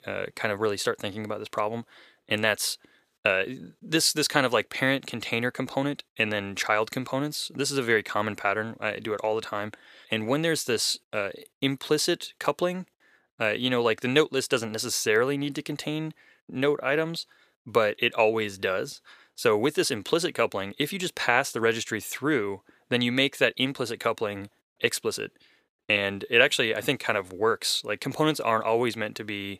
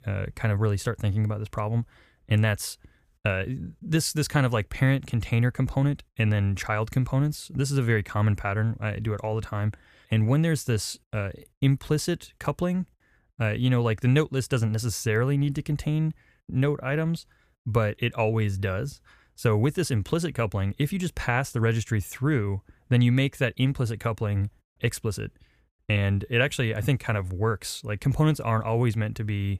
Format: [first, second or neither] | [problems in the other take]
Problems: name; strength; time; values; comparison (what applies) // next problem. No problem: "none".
second | thin; somewhat; fading below 400 Hz